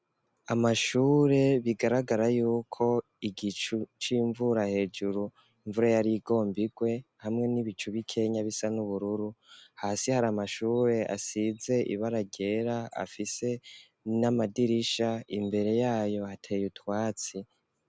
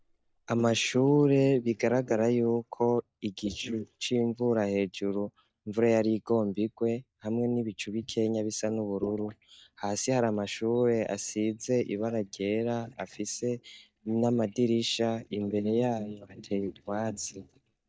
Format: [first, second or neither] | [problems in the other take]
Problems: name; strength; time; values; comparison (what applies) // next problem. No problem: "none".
first | noise reduction (neural mask model DeepFilterNet 3)